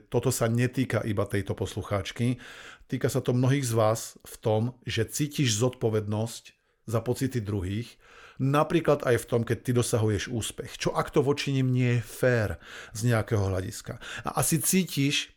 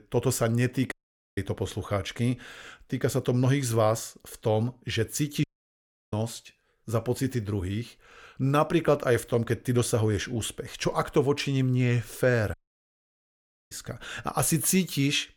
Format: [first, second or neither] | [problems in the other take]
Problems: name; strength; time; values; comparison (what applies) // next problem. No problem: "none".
first | audio cutting out; at 1 s, at 5.5 s for 0.5 s and at 13 s for 1 s